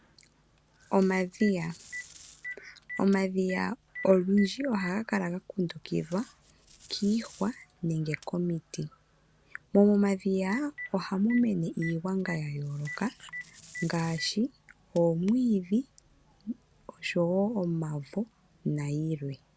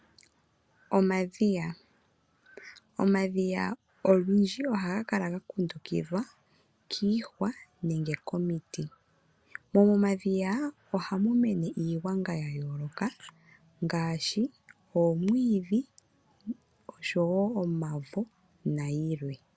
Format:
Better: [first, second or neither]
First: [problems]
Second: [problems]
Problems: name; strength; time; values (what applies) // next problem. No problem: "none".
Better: second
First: background sound (Telephone + Packing tape, duct tape); 18 dB below the speech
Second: none